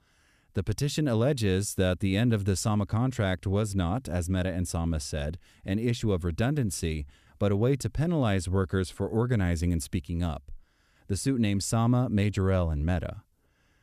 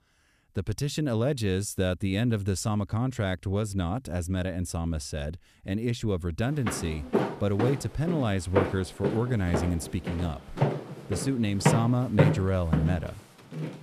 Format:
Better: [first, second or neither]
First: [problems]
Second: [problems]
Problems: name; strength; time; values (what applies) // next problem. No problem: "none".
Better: first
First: none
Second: footsteps; loud; from 6.5 s on; peak 5 dB above the speech